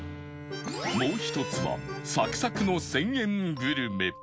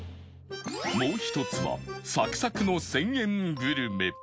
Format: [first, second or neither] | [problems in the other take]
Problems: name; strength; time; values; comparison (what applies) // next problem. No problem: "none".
second | background sound (Bowed string instrument); 12 dB below the speech